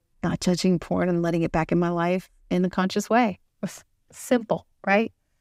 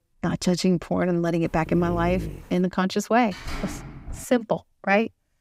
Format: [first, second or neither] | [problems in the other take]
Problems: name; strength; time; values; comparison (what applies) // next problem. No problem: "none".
first | dog barking; noticeable; at 1.5 s; peak 7 dB below the speech // door banging; faint; at 3.5 s; peak 10 dB below the speech